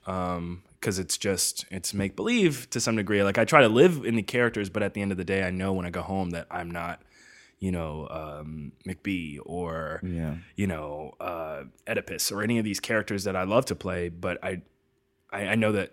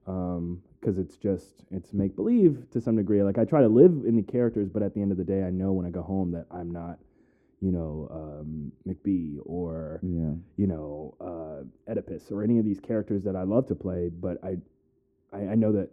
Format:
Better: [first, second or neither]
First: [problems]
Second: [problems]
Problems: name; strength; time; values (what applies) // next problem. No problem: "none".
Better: first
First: none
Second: muffled; very; fading above 1 kHz